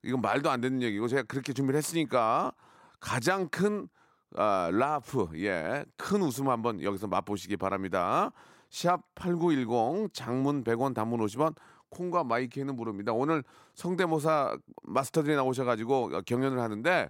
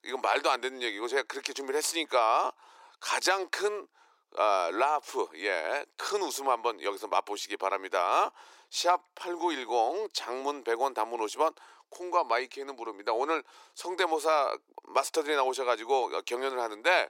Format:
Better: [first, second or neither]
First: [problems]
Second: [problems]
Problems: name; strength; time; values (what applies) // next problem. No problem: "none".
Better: first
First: none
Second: thin; very; fading below 350 Hz